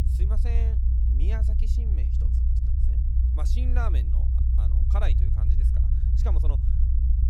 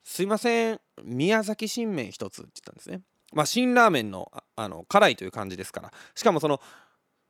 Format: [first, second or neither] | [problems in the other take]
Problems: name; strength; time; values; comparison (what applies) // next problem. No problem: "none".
second | low rumble; loud; throughout; 2 dB below the speech